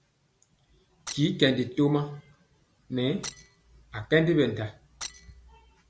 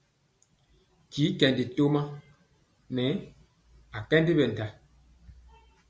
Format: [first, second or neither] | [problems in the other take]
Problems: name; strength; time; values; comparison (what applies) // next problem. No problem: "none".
second | background sound (Shatter); 15 dB below the speech